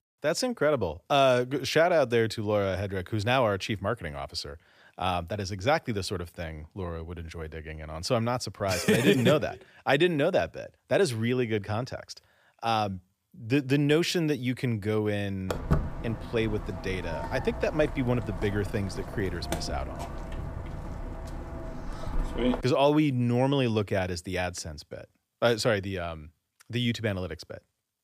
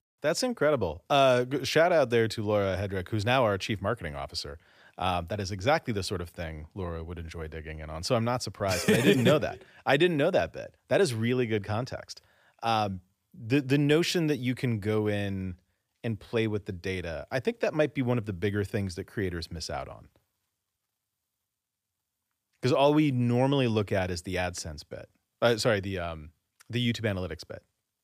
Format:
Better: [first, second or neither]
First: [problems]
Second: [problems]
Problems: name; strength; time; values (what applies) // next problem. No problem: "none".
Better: second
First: footsteps; noticeable; from 16 to 23 s; peak 1 dB below the speech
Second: none